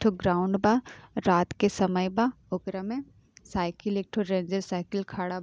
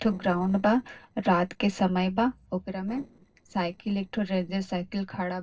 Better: first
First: none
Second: noise reduction (neural separator model SepFormer DNS4)

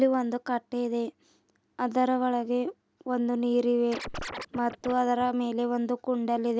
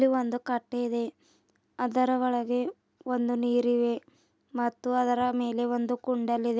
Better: second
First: background sound (Scratching (performance technique)); 10 dB below the speech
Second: none

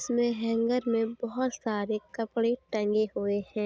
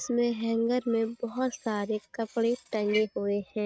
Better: first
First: none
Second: noise reduction (neural mask model RNNoise)

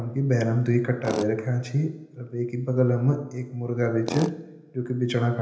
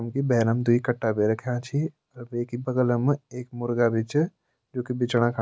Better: second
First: background sound (Tools); 16 dB below the speech // room echo; dies away in 0.8 s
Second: none

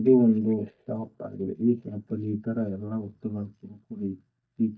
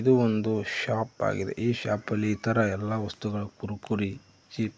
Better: second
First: noise reduction (neural mask model DeepFilterNet 3)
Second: none

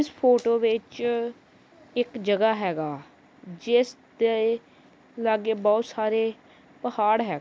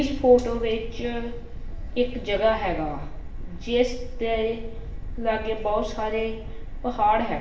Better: first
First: none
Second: background sound (Thunderstorm); 7 dB below the speech // room echo; dies away in 0.7 s

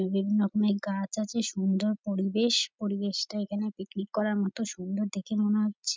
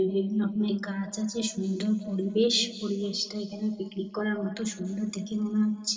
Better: first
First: none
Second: room echo; dies away in 2.3 s

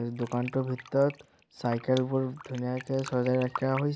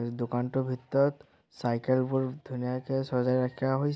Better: second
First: background sound (Fill (with liquid)); 16 dB below the speech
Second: none

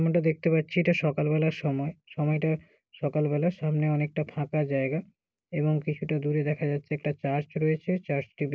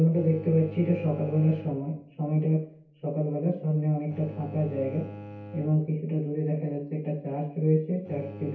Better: first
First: none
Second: background sound (Bowed string instrument); 16 dB below the speech // room echo; dies away in 0.6 s

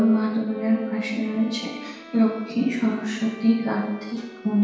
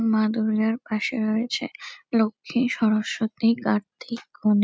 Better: second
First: background sound (Bowed string instrument); 17 dB below the speech // room echo; dies away in 1.2 s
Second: none

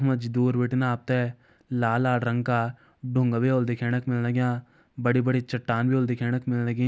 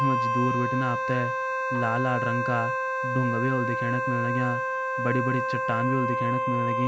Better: first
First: none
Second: background sound (Wind instrument, woodwind instrument); 1 dB above the speech

